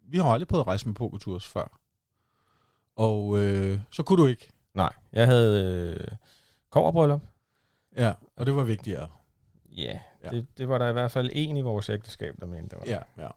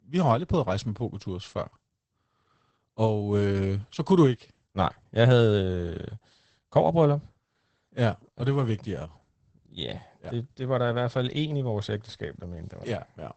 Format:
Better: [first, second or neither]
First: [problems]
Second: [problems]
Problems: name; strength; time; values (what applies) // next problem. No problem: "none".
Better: first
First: garbled, watery; slightly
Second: garbled, watery; badly; nothing above 8 kHz